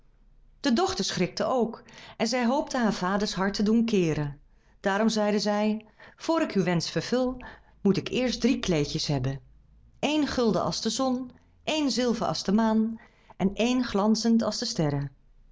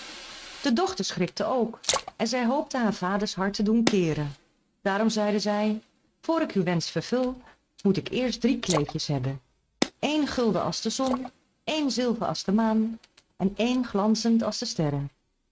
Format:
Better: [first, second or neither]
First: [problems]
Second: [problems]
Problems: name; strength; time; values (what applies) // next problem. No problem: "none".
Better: first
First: none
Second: noise reduction (neural mask model RNNoise)